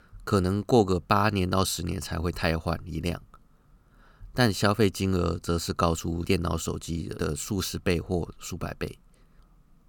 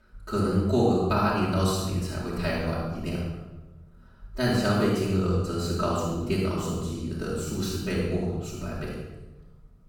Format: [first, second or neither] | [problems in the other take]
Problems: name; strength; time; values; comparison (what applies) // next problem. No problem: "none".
first | off-mic speech; far // room echo; strong; dies away in 0.9 s